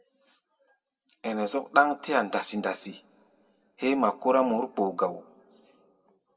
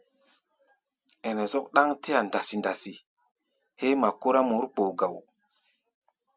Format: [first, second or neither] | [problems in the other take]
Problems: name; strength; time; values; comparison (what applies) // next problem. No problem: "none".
second | room echo; dies away in 1.3 s